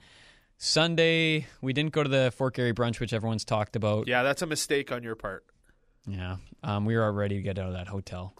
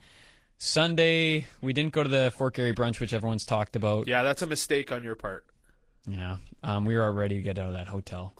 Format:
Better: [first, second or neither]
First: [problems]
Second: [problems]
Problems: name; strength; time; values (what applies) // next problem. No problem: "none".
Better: first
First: none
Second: garbled, watery; slightly; nothing above 15.5 kHz